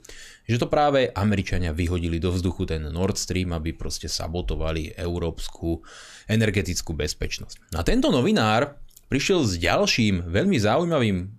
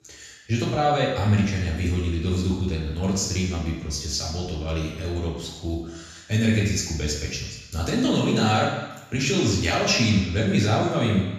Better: first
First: none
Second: room echo; noticeable; dies away in 1 s // off-mic speech; far

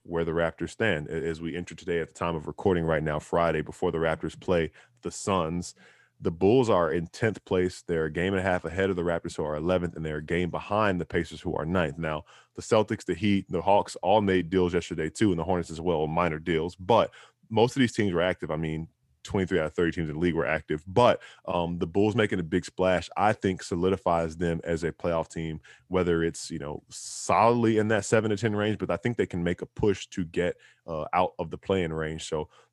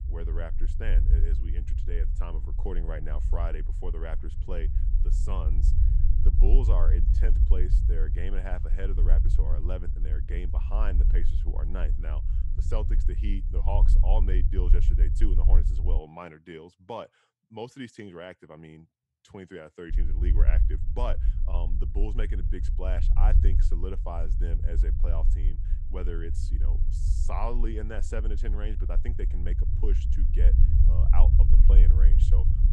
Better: first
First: none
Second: low rumble; loud; until 16 s and from 20 s on; 6 dB below the speech

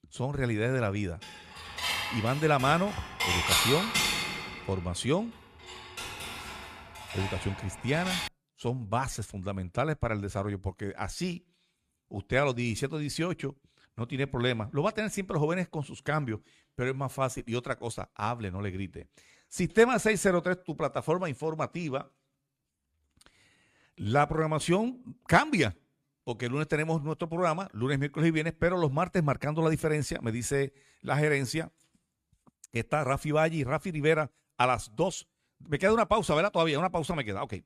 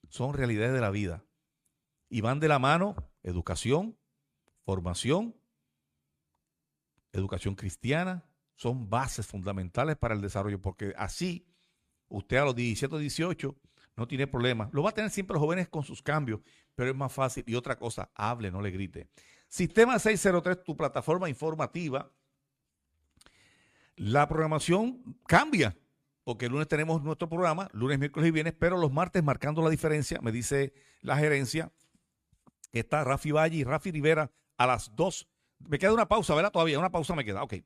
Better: second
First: clattering dishes; loud; from 1.5 to 8.5 s; peak 6 dB above the speech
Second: none

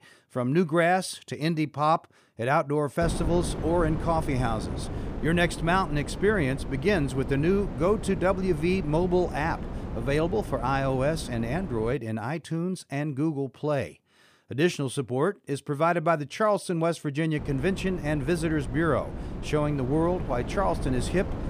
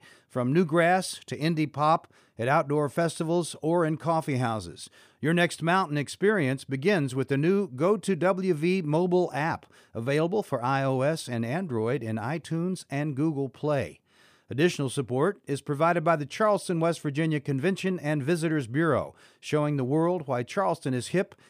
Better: second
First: wind noise on the microphone; occasional gusts; from 3 to 12 s and from 17 s on; 15 dB below the speech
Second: none

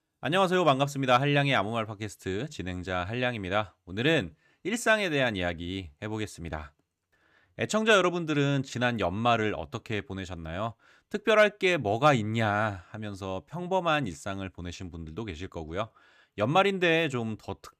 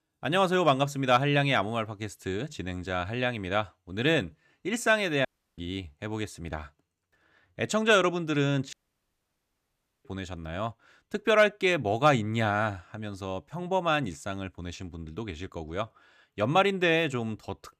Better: first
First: none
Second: audio cutting out; at 5.5 s and at 8.5 s for 1.5 s

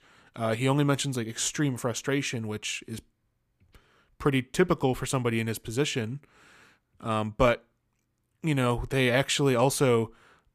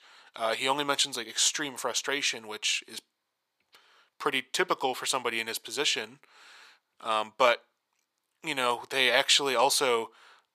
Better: first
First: none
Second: thin; very; fading below 600 Hz

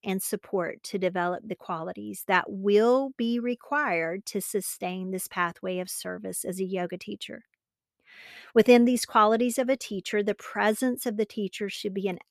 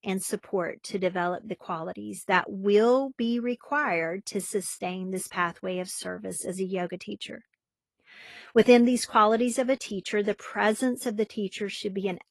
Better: first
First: none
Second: garbled, watery; slightly; nothing above 11.5 kHz

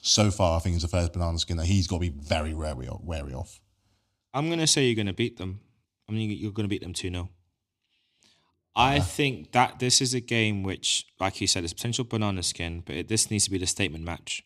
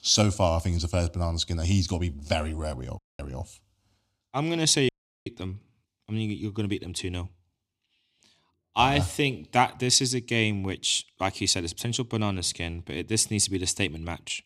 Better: first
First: none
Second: audio cutting out; at 3 s and at 5 s

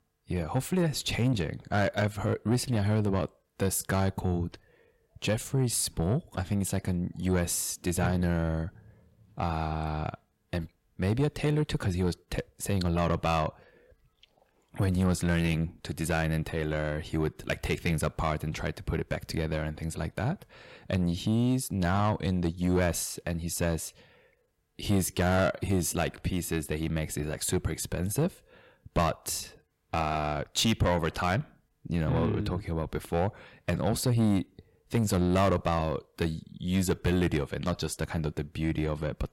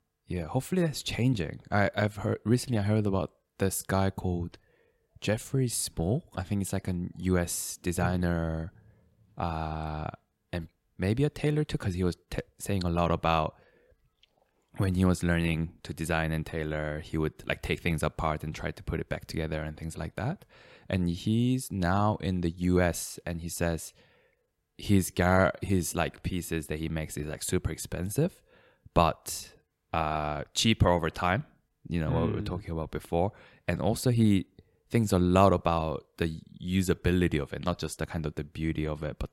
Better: second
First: distortion; slight; 10 dB below the speech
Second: none

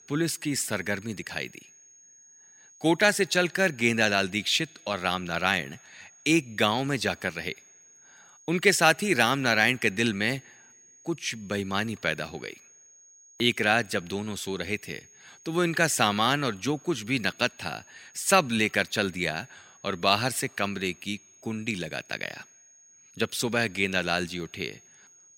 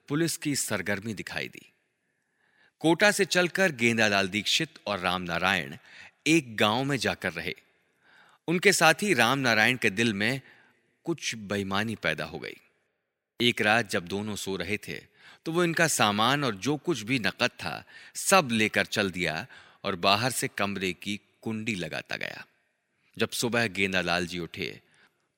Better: second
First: high-pitched whine; faint; throughout; 6.5 kHz, 25 dB below the speech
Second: none

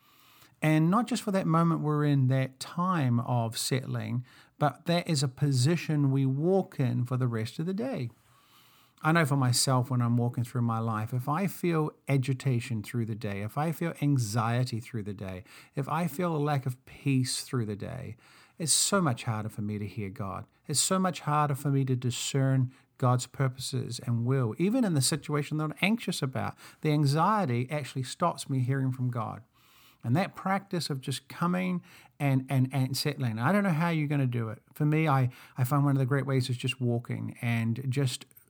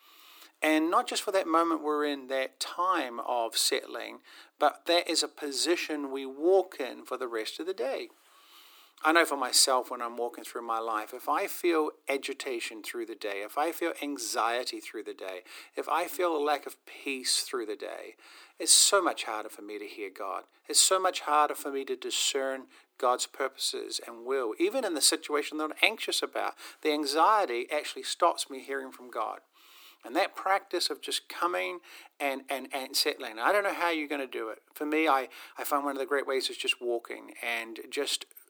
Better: first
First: none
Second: thin; very; fading below 300 Hz

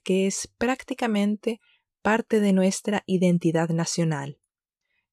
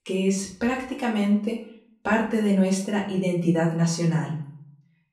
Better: first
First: none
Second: off-mic speech; far // room echo; slight; dies away in 0.6 s

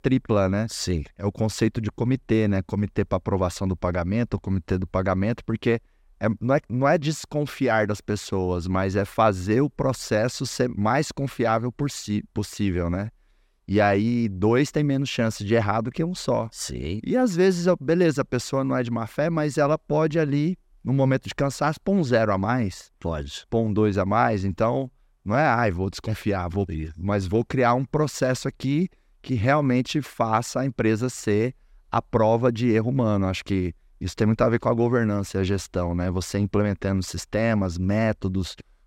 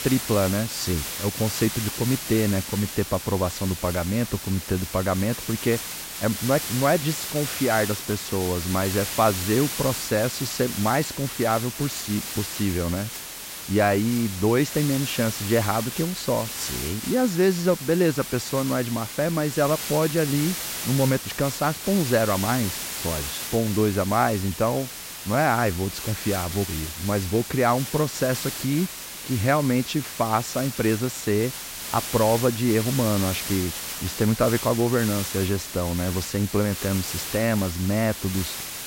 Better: first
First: none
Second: hiss; loud; throughout; 6 dB below the speech

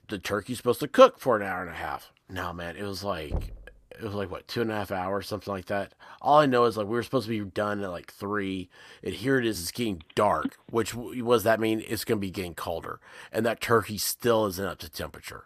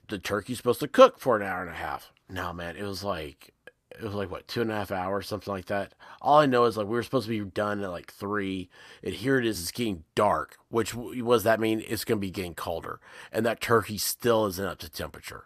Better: second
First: door banging; noticeable; at 3.5 s; peak 9 dB below the speech // phone ringing; faint; at 10 s; peak 10 dB below the speech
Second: none

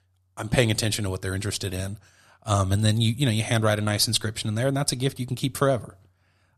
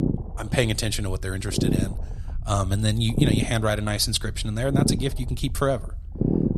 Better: first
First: none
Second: low rumble; loud; throughout; 5 dB below the speech

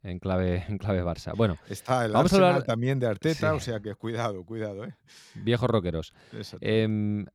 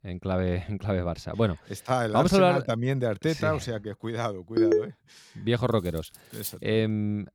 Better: first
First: none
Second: phone ringing; loud; at 4.5 s; peak 4 dB above the speech // clattering dishes; faint; at 6 s; peak 10 dB below the speech

